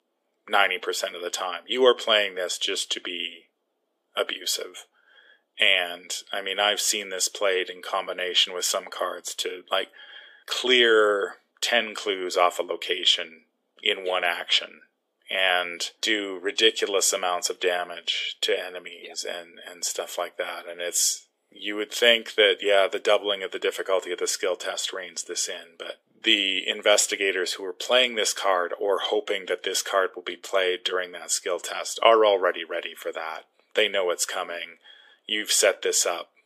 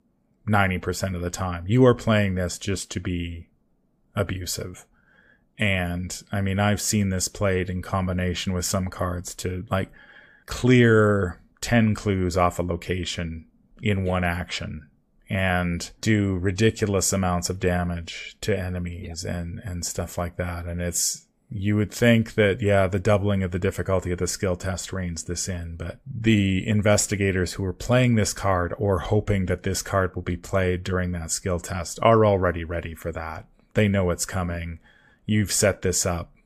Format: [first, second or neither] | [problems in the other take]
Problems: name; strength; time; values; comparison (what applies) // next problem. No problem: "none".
second | thin; very; fading below 350 Hz